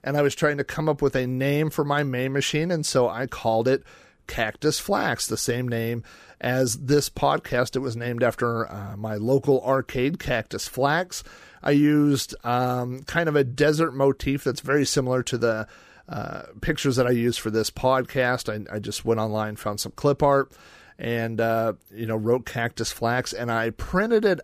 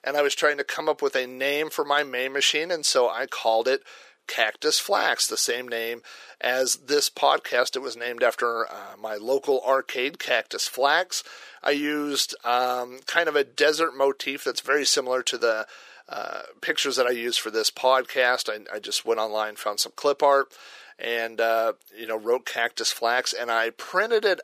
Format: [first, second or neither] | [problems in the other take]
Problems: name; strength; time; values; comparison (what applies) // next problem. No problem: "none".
first | thin; very; fading below 450 Hz